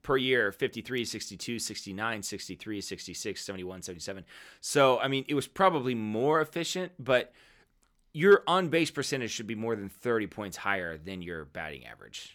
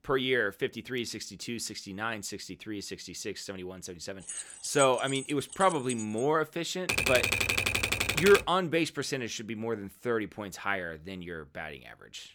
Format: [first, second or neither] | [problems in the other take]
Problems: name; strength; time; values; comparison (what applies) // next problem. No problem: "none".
first | jangling keys; noticeable; from 4.5 to 6 s; peak 4 dB below the speech // keyboard typing; loud; from 7 to 8.5 s; peak 5 dB above the speech